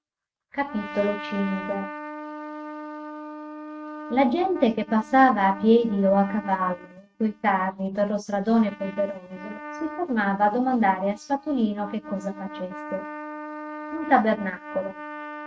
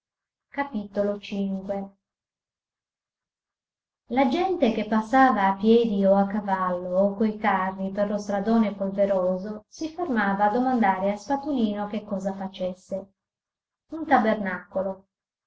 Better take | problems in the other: second | noise reduction (neural mask model RNNoise)

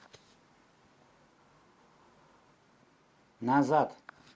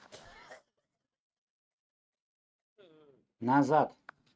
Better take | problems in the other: first | noise reduction (neural mask model RNNoise)

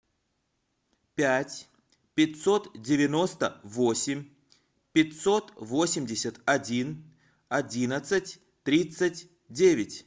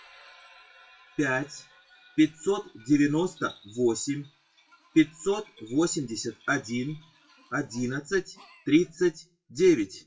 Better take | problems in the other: first | noise reduction (classical method WPE with log-MMSE)

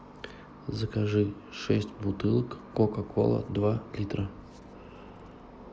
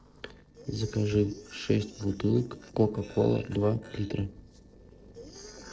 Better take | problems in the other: first | noise reduction (neural separator model SepFormer DNS4)

